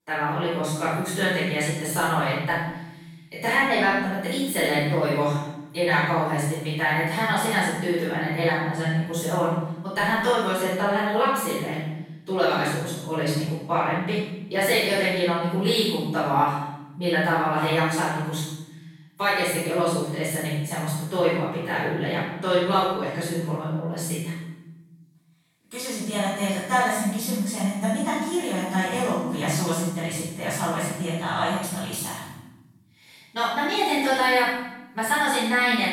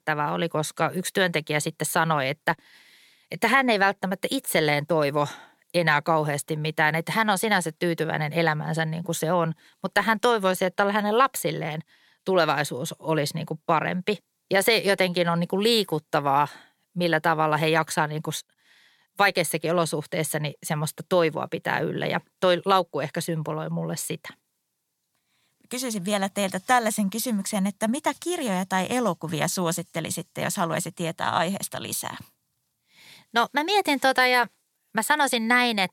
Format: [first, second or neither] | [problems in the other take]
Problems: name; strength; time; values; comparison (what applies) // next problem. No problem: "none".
second | room echo; strong; dies away in 0.9 s // off-mic speech; far